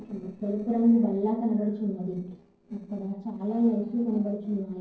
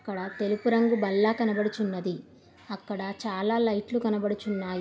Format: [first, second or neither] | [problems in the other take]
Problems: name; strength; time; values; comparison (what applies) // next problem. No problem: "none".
second | noise reduction (neural separator model SepFormer DNS4)